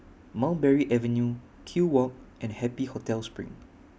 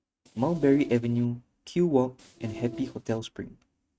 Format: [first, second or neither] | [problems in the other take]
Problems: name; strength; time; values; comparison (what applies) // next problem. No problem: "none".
first | noise reduction (neural mask model RNNoise)